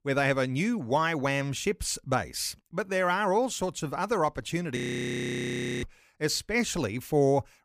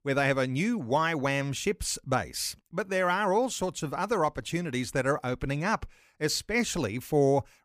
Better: second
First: audio freezing; at 5 s for 1 s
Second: none

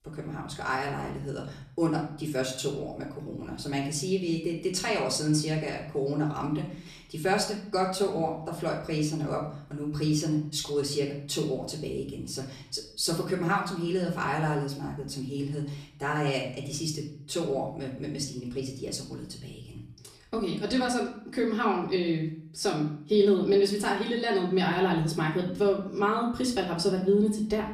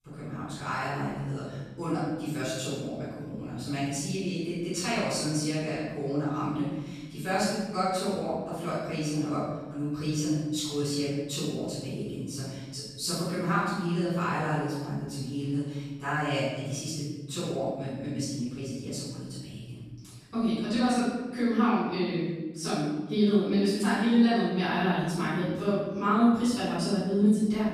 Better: first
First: room echo; slight; dies away in 0.6 s // off-mic speech; far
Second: room echo; strong; dies away in 1.4 s // off-mic speech; far

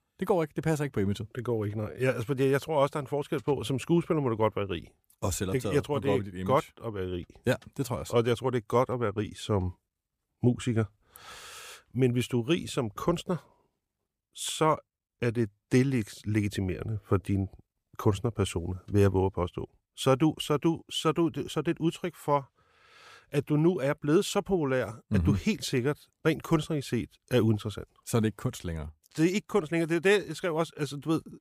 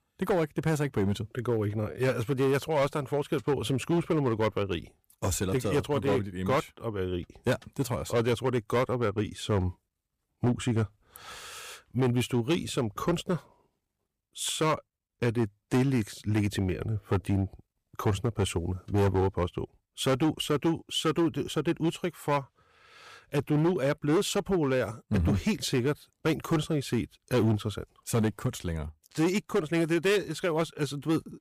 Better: first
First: none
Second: distortion; slight; 7% of the sound clipped

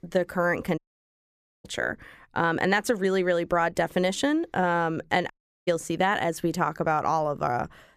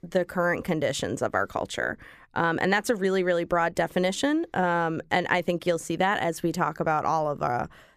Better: second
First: audio cutting out; at 1 s for 1 s and at 5.5 s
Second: none

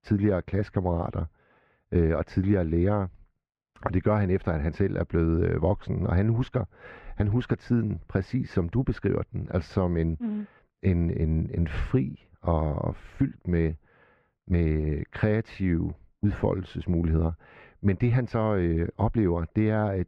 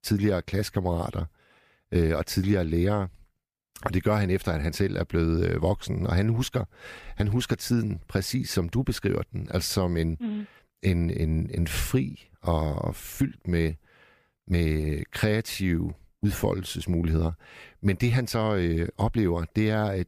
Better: second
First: muffled; very; fading above 1.5 kHz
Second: none

